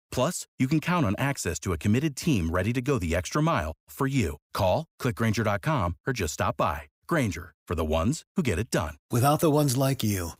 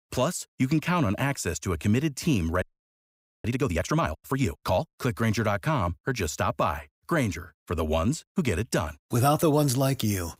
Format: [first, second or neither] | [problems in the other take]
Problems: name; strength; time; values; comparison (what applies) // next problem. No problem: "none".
first | audio freezing; at 2.5 s for 1 s